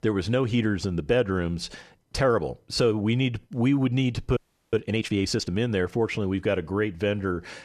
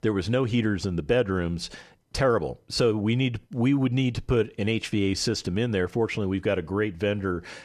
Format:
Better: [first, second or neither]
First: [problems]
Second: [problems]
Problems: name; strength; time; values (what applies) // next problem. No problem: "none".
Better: second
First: audio freezing; at 4.5 s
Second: none